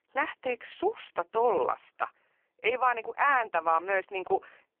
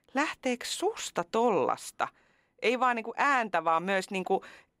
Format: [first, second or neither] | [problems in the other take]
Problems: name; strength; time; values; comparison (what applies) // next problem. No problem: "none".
second | phone-call audio; poor line